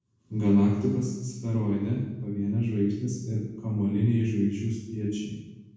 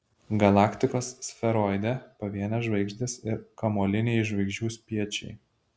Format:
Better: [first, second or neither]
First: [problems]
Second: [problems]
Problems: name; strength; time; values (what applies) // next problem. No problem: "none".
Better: second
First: room echo; dies away in 1.1 s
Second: none